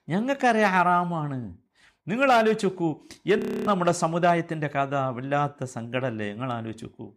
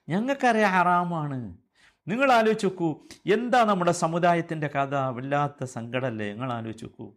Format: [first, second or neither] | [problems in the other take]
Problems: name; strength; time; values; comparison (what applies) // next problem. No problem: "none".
second | audio freezing; at 3.5 s